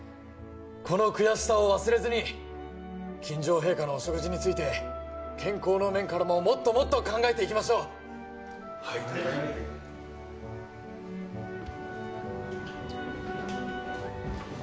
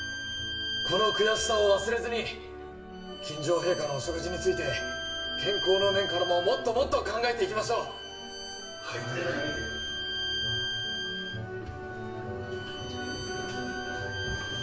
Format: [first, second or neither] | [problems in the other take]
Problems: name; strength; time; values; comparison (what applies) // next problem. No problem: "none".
first | background sound (Bowed string instrument); 5 dB below the speech // room echo; dies away in 0.8 s